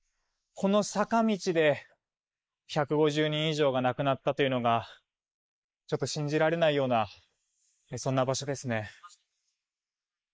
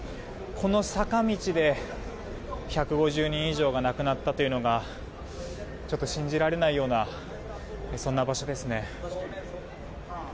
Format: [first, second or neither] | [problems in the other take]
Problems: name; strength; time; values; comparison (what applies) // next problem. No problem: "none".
second | noise reduction (neural mask model Resemble Enhance denoiser)